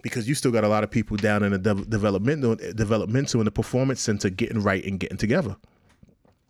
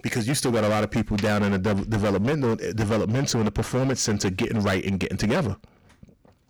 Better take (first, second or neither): first